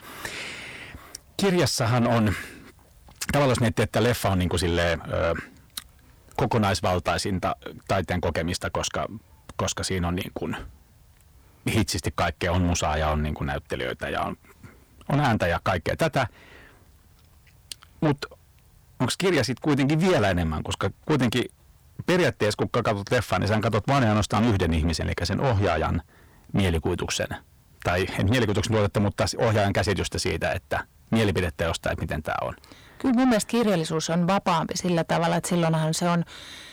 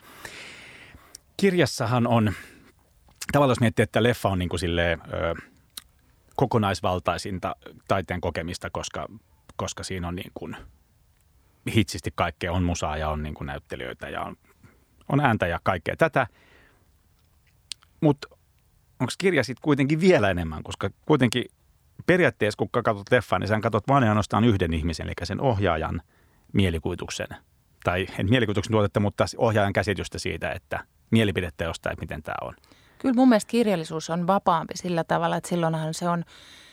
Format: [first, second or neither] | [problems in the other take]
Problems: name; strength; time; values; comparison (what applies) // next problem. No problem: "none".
second | distortion; heavy; 6 dB below the speech